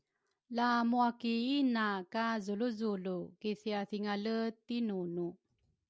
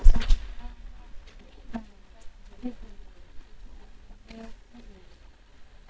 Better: first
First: none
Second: noise reduction (neural mask model DeepFilterNet 3)

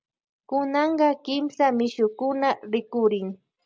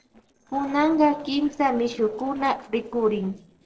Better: first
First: none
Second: noise reduction (neural separator model SepFormer DNS4)

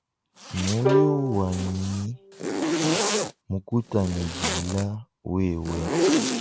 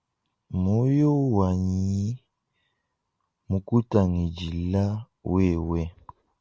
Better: second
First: background sound (Bowed string instrument + Zipper (clothing)); as loud as the speech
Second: none

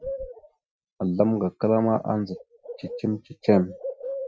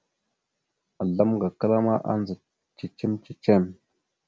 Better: second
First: noise reduction (classical method Wiener filter)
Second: none

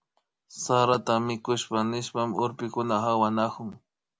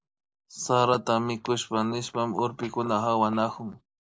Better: first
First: none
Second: noise reduction (neural mask model Resemble Enhance denoiser)

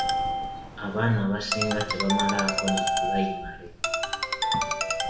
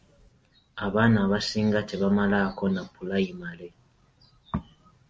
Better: second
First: background sound (Ringtone); 2 dB above the speech // room echo; dies away in 0.7 s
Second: none

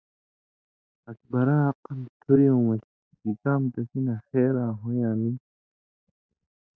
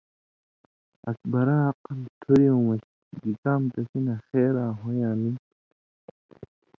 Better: second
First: noise reduction (neural mask model DeepFilterNet 3)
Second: none

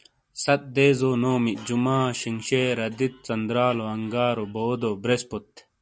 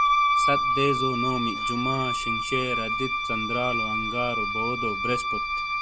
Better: first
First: none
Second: background sound (Wind instrument, woodwind instrument); 5 dB above the speech

